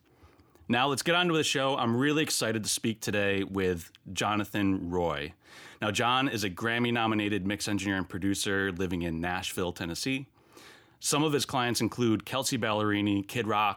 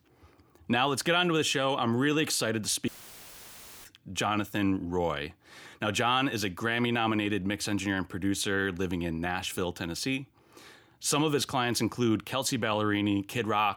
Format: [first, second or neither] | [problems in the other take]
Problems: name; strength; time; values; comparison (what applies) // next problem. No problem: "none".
first | audio cutting out; filled with static; at 3 s for 1 s